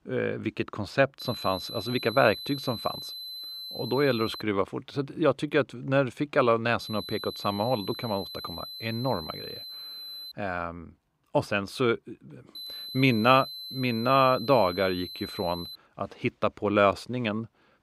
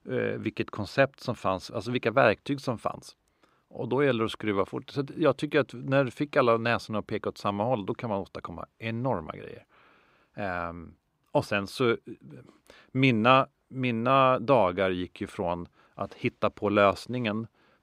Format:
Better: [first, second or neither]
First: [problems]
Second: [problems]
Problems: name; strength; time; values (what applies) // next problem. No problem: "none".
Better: second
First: high-pitched whine; noticeable; from 1 to 4.5 s, from 7 to 10 s and from 13 to 16 s; 4 kHz, 10 dB below the speech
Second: none